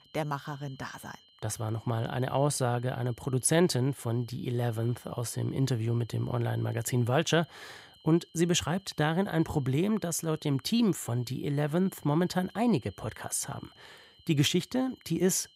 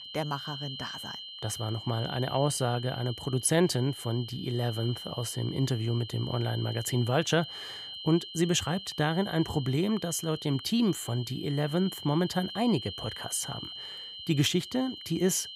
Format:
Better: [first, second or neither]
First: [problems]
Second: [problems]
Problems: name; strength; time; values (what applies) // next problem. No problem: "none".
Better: first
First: high-pitched whine; faint; throughout; 3 kHz, 30 dB below the speech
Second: high-pitched whine; loud; throughout; 3 kHz, 10 dB below the speech